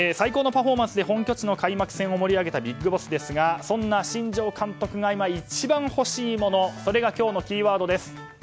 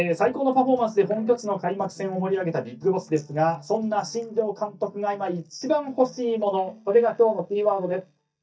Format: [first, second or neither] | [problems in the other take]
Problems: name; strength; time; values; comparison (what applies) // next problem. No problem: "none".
first | noise reduction (neural mask model DeepFilterNet 3)